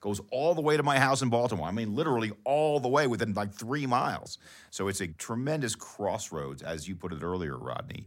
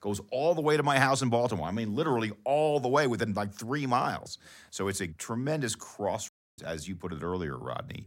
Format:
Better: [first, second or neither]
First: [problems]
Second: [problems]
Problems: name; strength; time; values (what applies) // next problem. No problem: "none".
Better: first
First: none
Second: audio cutting out; at 6.5 s